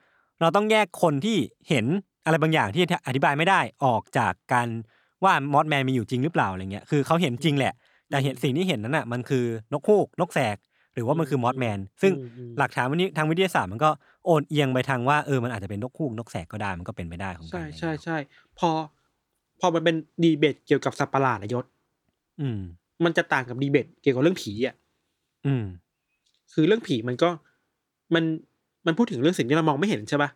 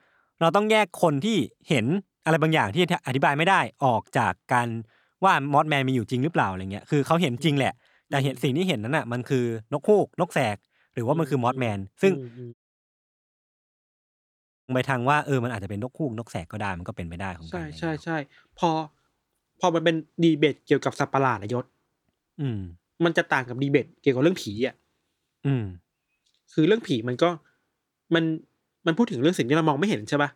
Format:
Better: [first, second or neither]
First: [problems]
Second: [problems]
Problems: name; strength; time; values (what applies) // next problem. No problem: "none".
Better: first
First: none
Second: audio cutting out; at 13 s for 2 s